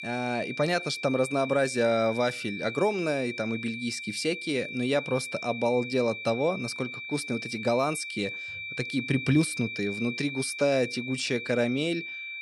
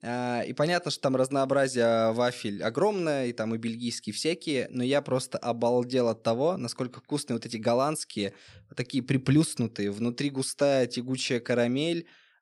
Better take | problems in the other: second | high-pitched whine; loud; throughout; 2.5 kHz, 7 dB below the speech

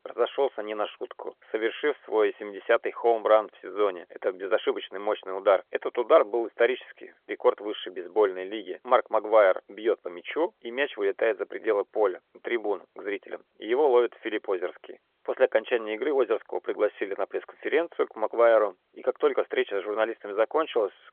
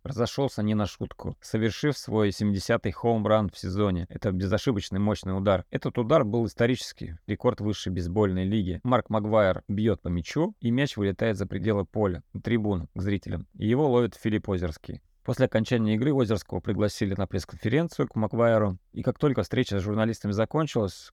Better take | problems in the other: second | phone-call audio; nothing above 3.5 kHz

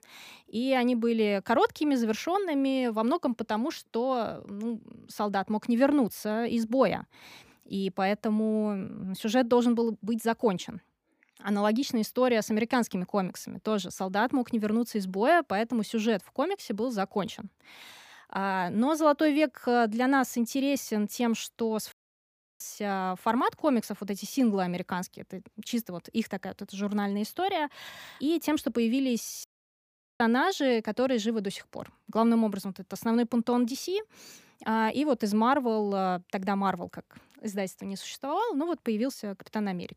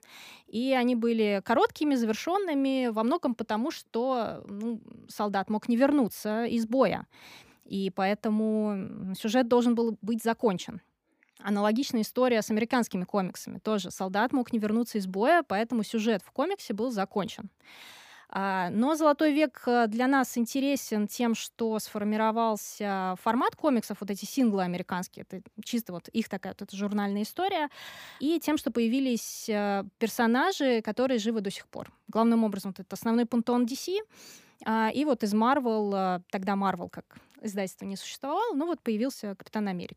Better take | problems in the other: second | audio cutting out; at 22 s for 0.5 s and at 29 s for 1 s

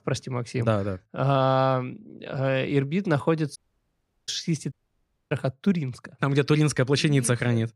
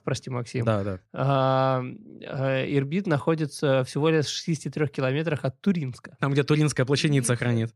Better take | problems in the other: second | audio cutting out; at 3.5 s for 0.5 s and at 4.5 s for 0.5 s

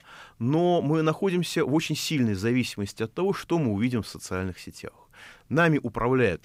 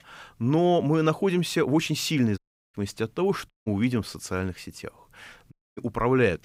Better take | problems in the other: first | audio cutting out; at 2.5 s, at 3.5 s and at 5.5 s

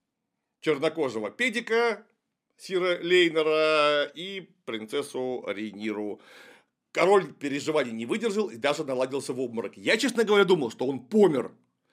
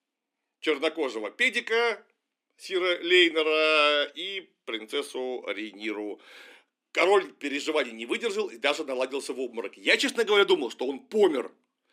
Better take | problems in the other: first | thin; very slightly; fading below 300 Hz

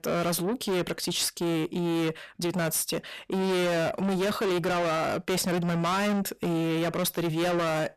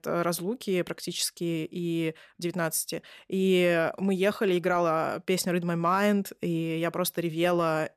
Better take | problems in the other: second | distortion; heavy; 6 dB below the speech

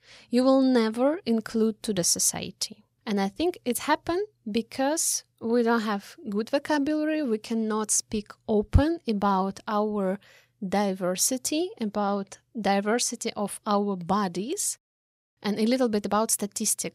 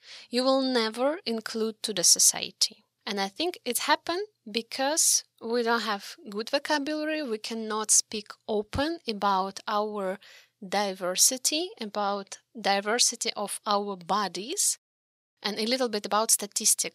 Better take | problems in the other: first | thin; very slightly; fading below 700 Hz

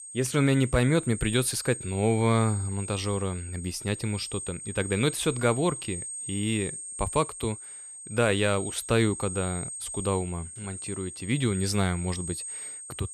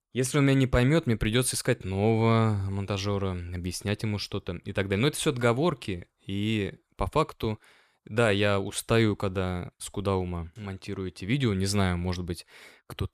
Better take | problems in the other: second | high-pitched whine; loud; throughout; 8.5 kHz, 8 dB below the speech

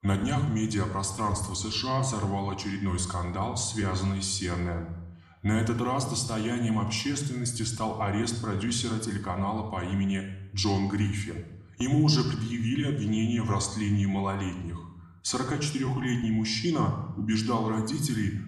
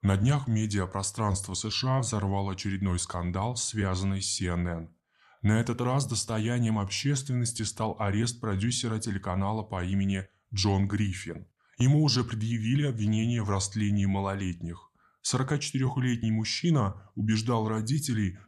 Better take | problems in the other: second | room echo; slight; dies away in 0.7 s // off-mic speech; somewhat distant

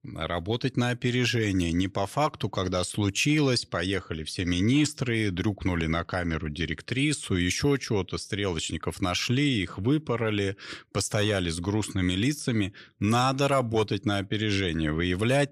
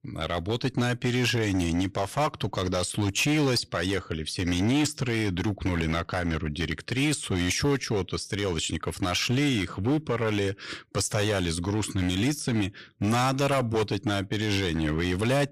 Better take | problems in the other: first | distortion; slight; 11% of the sound clipped

